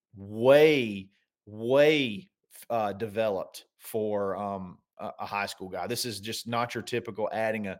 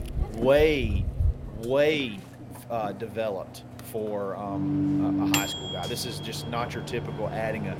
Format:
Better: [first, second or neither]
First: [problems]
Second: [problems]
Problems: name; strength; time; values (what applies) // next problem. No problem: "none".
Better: first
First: none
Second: household noises; loud; throughout; 2 dB below the speech